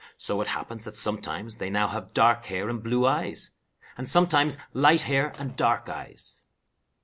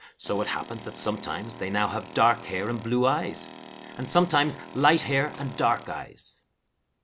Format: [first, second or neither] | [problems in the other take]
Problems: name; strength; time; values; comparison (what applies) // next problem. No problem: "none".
first | background sound (Tools); 16 dB below the speech